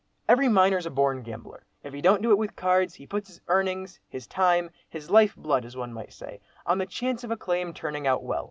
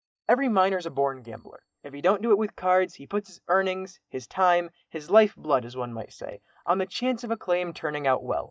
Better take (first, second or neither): first